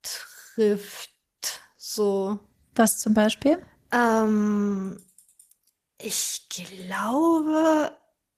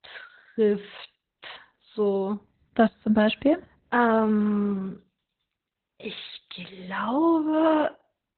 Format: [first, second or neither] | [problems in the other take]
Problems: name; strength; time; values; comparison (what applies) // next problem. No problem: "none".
first | garbled, watery; badly; nothing above 4 kHz; slightly in the first